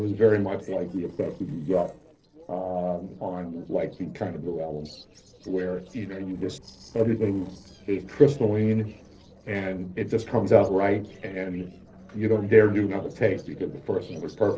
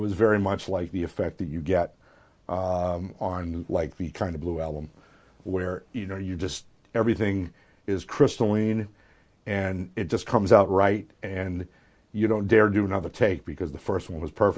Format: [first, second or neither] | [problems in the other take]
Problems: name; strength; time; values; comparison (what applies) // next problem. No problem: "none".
second | noise reduction (neural separator model SepFormer DNS4)